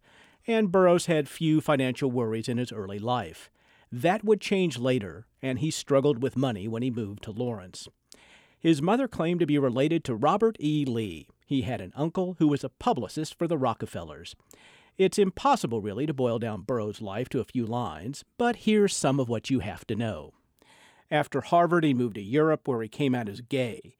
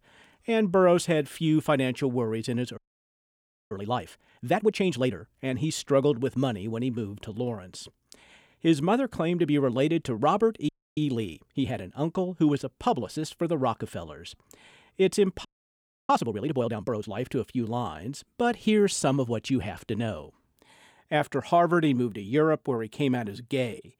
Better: first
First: none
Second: audio freezing; at 3 s for 1 s, at 11 s and at 15 s for 0.5 s

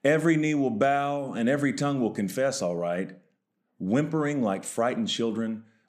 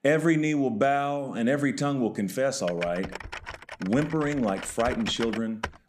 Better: first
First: none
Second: keyboard typing; noticeable; from 2.5 s on; peak 9 dB below the speech

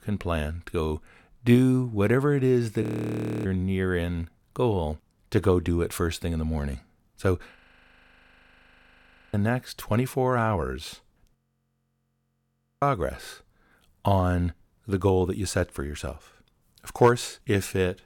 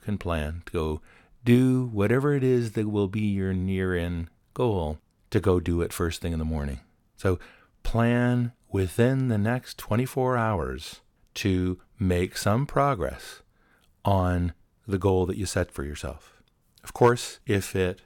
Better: second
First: audio freezing; at 3 s for 0.5 s, at 7.5 s for 2 s and at 11 s for 1.5 s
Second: none

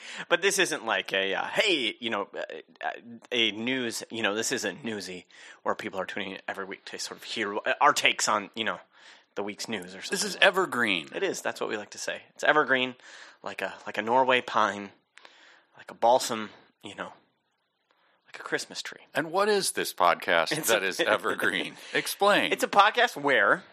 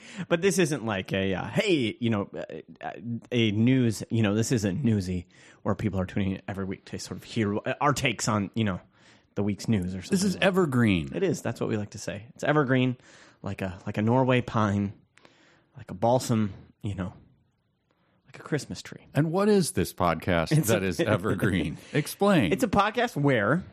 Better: second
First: thin; very; fading below 500 Hz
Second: none

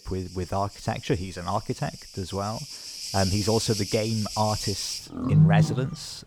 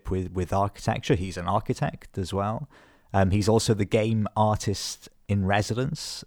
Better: second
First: animal sounds; very loud; throughout; 2 dB above the speech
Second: none

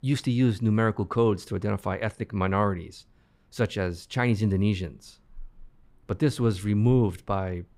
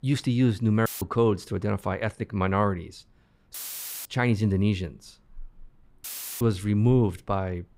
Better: first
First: none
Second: audio cutting out; filled with static; at 1 s, at 3.5 s for 0.5 s and at 6 s

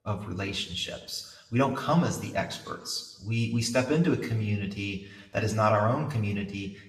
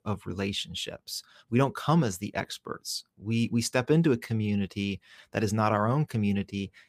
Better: second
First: room echo; slight; dies away in 0.8 s // off-mic speech; somewhat distant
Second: none

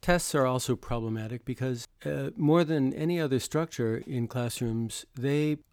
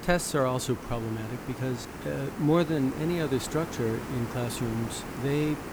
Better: first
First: none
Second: hiss; loud; throughout; 9 dB below the speech

